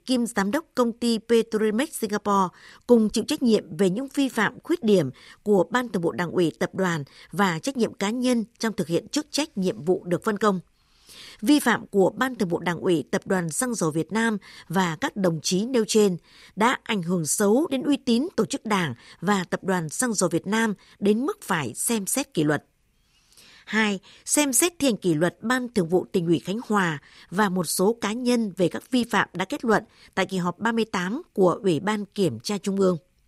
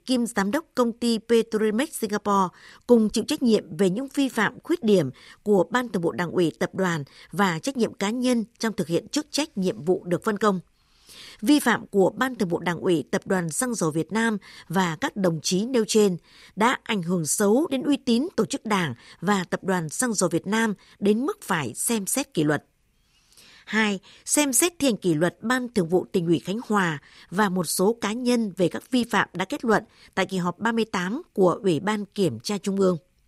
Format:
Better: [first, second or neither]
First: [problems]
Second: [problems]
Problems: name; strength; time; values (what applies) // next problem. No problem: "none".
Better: neither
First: none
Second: none